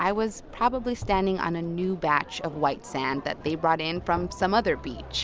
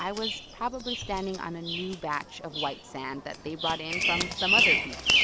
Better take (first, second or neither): first